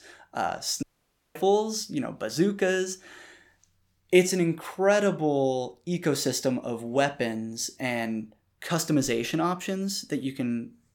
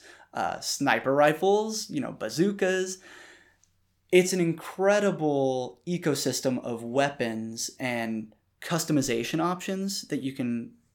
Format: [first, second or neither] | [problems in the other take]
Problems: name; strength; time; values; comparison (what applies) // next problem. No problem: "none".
second | audio cutting out; at 1 s for 0.5 s